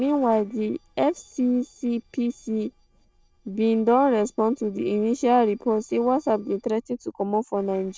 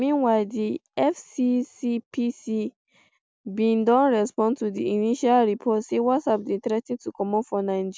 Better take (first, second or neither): second